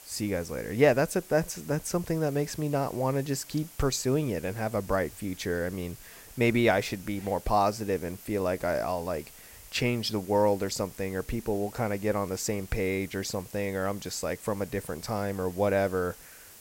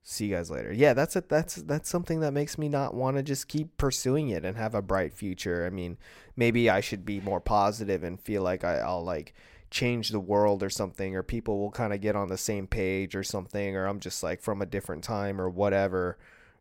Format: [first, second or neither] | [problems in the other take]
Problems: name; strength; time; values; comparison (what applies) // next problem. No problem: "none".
second | hiss; noticeable; throughout; 20 dB below the speech